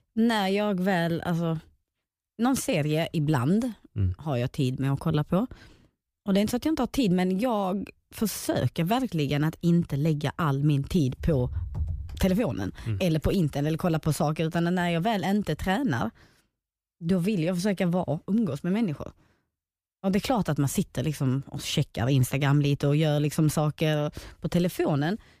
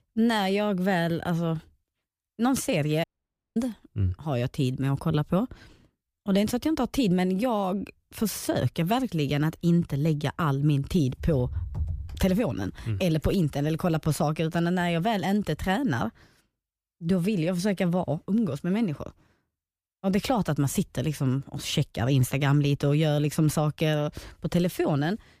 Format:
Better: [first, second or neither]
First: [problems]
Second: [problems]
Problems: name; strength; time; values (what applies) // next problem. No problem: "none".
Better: first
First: none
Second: audio cutting out; at 3 s for 0.5 s